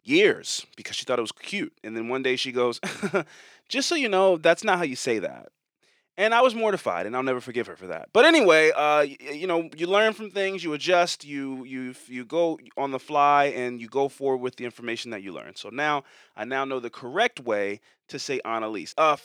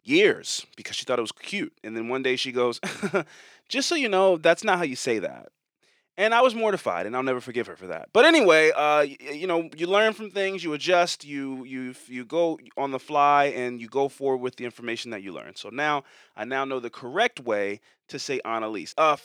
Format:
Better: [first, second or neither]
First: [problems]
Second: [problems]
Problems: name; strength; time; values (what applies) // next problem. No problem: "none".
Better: neither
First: thin; somewhat; fading below 400 Hz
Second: thin; somewhat; fading below 400 Hz